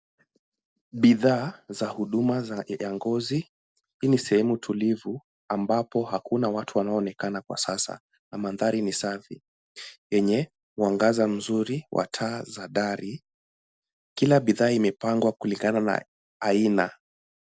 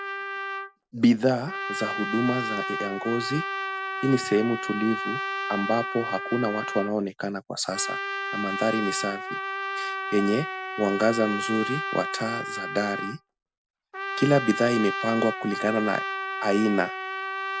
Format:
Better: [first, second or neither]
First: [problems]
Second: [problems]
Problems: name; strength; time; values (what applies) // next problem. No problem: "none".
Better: first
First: none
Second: background sound (Trumpet); 5 dB below the speech